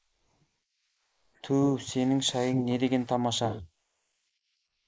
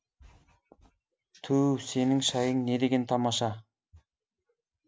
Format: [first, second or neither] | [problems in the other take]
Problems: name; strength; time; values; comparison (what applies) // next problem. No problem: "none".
second | noise reduction (neural mask model Resemble Enhance denoiser)